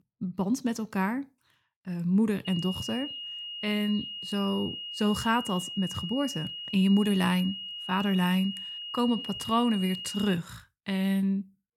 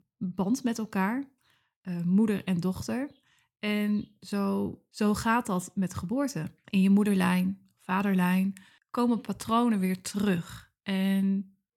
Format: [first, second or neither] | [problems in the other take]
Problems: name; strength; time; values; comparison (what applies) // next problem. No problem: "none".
second | high-pitched whine; loud; from 2.5 to 10 s; 3 kHz, 7 dB below the speech